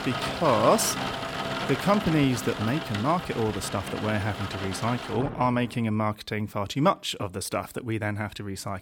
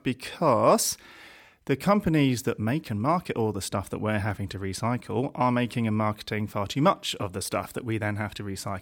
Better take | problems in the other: second | rain or running water; loud; until 5.5 s; 6 dB below the speech

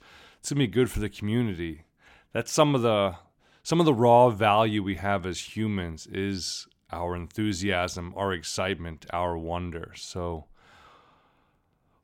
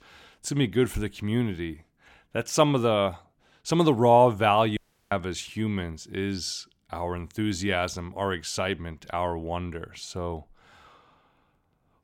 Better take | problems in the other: first | audio cutting out; at 5 s

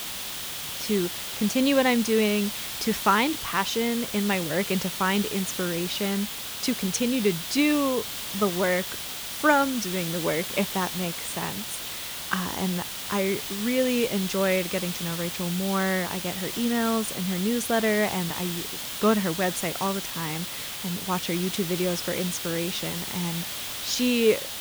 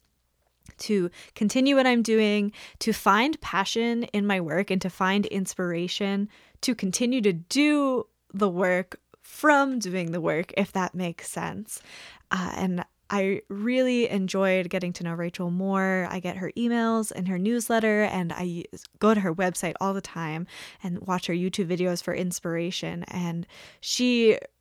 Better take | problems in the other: second | hiss; loud; throughout; 5 dB below the speech

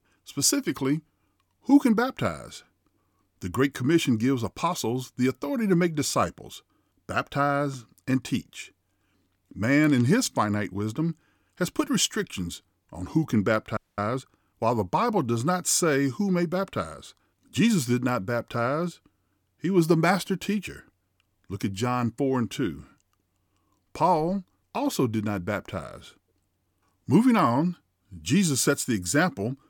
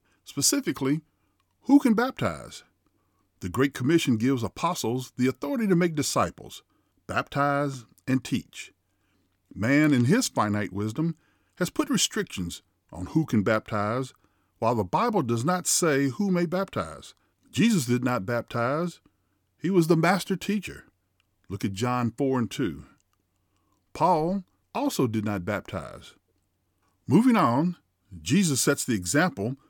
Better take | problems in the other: second | audio freezing; at 14 s

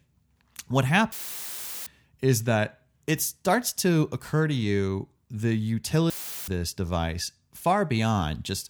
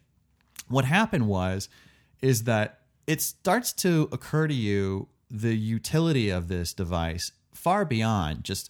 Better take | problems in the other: second | audio cutting out; filled with static; at 1 s for 1 s and at 6 s

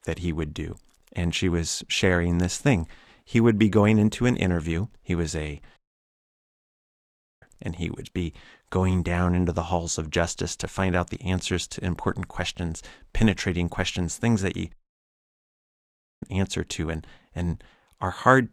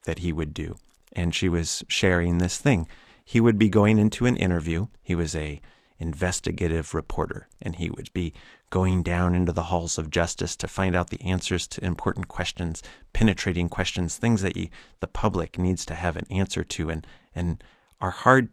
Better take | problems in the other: second | audio cutting out; at 6 s for 1.5 s and at 15 s for 1.5 s

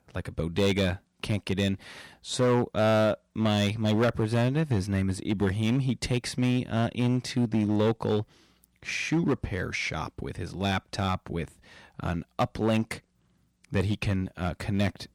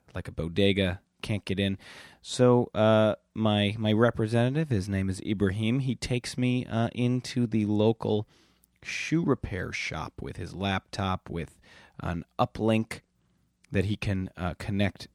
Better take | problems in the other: second | distortion; slight; 6% of the sound clipped

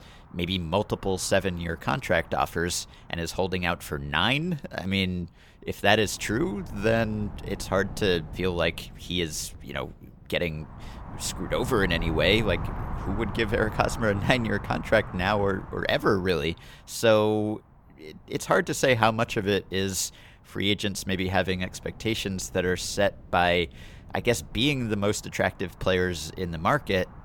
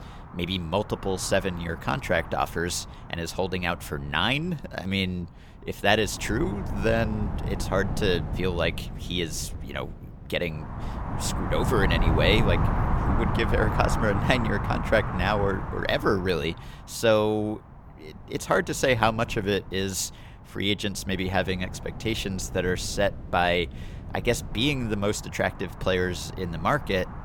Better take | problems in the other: first | wind noise on the microphone; heavy; 9 dB below the speech; occasional gusts in the first

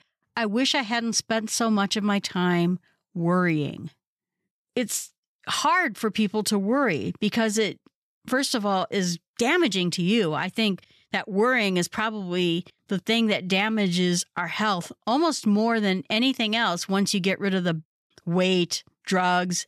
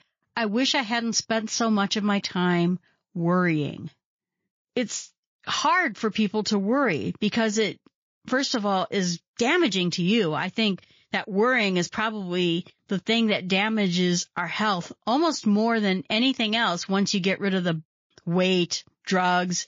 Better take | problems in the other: first | garbled, watery; slightly; nothing above 6 kHz

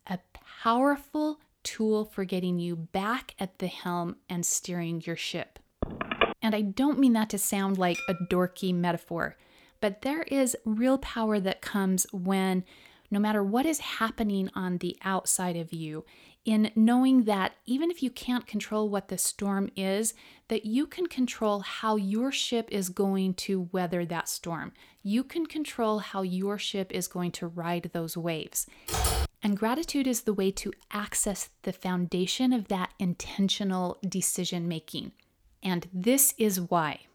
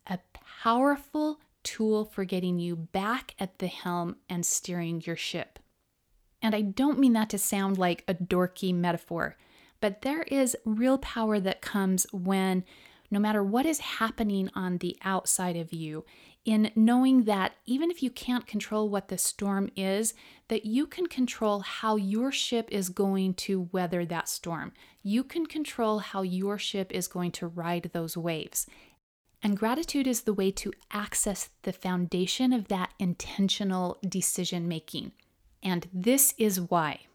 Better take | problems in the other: second | phone ringing; loud; at 6 s; peak 1 dB above the speech // clattering dishes; noticeable; at 8 s; peak 8 dB below the speech // keyboard typing; loud; at 29 s; peak 1 dB above the speech

